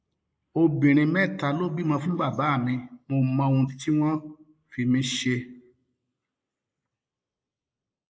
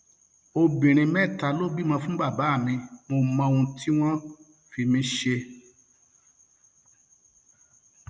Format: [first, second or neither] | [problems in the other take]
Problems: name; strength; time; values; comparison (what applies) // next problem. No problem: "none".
second | noise reduction (neural mask model Resemble Enhance denoiser)